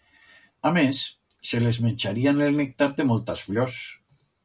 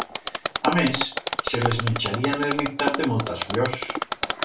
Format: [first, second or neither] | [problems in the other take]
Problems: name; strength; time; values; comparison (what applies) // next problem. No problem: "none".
first | background sound (Mechanisms); 3 dB below the speech // room echo; dies away in 0.3 s